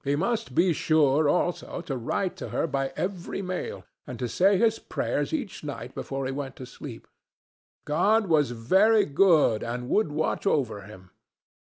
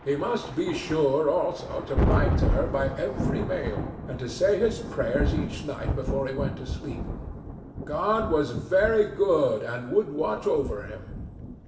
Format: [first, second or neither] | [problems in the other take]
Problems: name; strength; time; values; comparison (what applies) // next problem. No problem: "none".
first | background sound (Thunder); 3 dB below the speech // room echo; dies away in 1 s